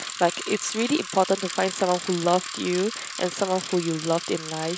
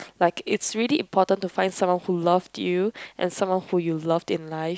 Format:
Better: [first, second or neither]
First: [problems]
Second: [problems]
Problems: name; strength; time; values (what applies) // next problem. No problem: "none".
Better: second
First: background sound (Bicycle); 9 dB below the speech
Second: none